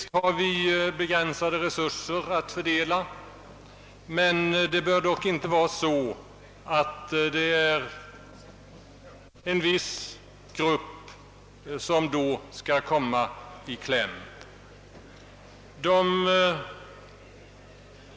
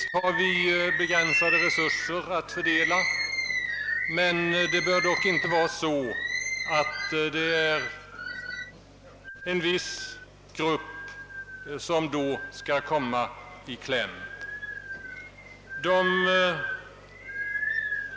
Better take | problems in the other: first | background sound (Bird); 2 dB below the speech

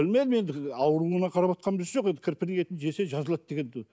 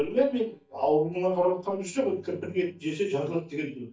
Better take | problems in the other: first | noise reduction (neural mask model DeepFilterNet 3)

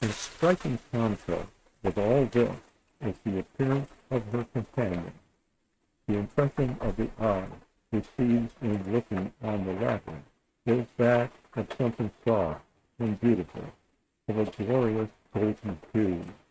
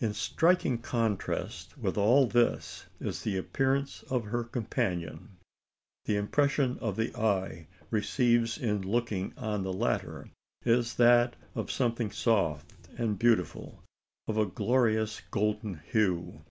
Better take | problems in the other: second | noise reduction (neural mask model RNNoise)

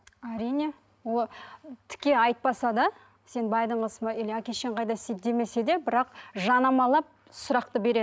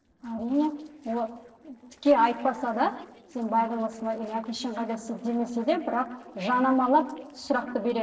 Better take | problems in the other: first | noise reduction (neural separator model SepFormer DNS4)

